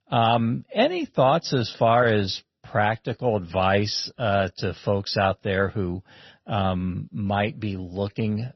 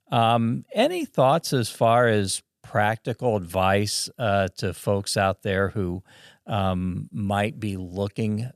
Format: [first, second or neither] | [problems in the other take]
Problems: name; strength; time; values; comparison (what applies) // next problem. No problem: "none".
second | garbled, watery; slightly; nothing above 6 kHz